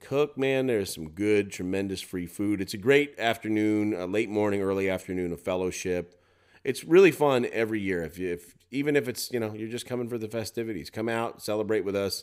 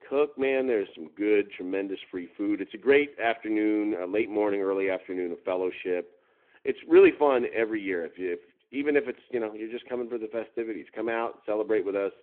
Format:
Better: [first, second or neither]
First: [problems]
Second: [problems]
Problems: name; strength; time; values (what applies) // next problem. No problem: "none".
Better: first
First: none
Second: phone-call audio